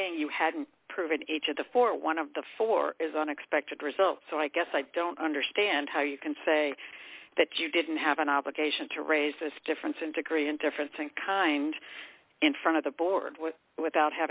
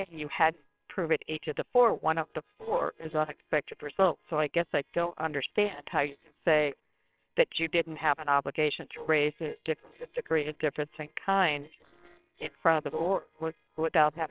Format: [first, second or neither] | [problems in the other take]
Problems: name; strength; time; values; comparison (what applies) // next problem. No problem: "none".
first | noise reduction (neural separator model SepFormer WHAMR!)